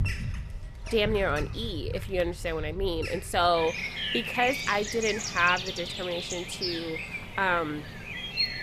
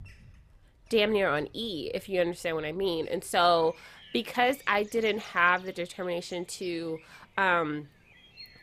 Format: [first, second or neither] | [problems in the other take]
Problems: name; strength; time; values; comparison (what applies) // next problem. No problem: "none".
second | animal sounds; loud; throughout; 5 dB below the speech; faint in the second